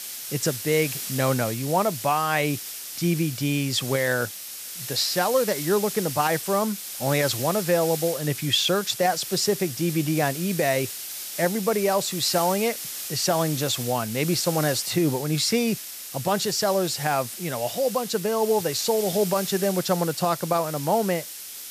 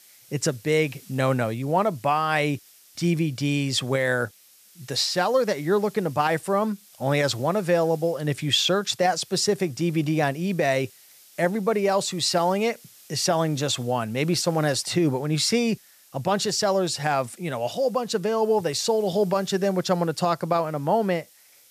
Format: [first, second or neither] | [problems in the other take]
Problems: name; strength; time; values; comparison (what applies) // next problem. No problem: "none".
second | hiss; loud; throughout; 7 dB below the speech; faint in the second